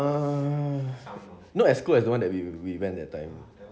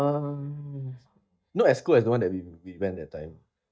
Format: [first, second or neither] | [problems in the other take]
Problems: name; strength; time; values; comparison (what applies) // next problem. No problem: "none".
first | noise reduction (neural mask model DeepFilterNet 3)